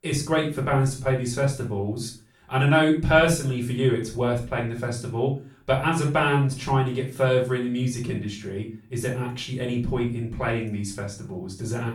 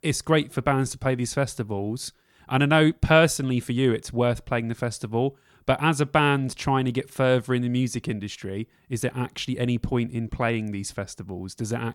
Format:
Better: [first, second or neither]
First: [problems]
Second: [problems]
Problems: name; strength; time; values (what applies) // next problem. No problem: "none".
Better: second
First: off-mic speech; far // room echo; slight; dies away in 0.3 s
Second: none